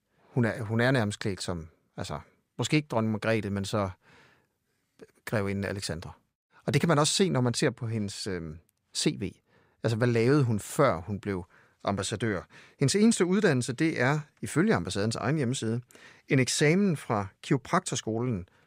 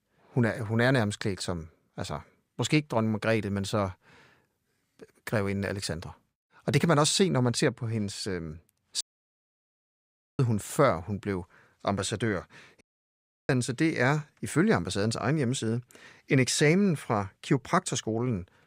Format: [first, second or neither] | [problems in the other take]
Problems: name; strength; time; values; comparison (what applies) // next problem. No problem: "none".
first | audio cutting out; at 9 s for 1.5 s and at 13 s for 0.5 s